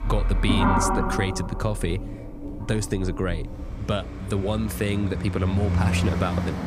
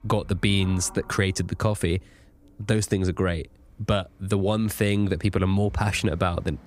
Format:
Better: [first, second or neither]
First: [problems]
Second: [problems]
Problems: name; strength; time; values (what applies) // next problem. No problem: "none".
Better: second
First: traffic noise; loud; throughout; 1 dB below the speech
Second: traffic noise; faint; throughout; 25 dB below the speech